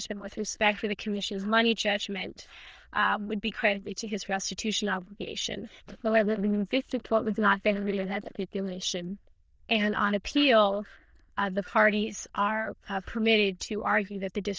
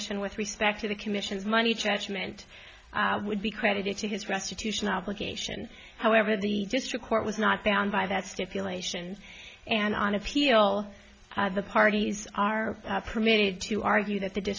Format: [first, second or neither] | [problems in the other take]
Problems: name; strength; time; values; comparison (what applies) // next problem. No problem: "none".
second | noise reduction (neural diffusion model UNIVERSE++)